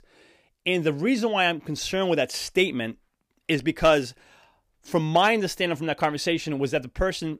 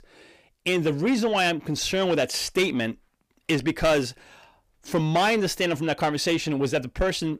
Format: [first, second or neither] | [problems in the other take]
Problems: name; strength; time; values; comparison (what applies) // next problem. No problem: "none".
first | distortion; slight; 10 dB below the speech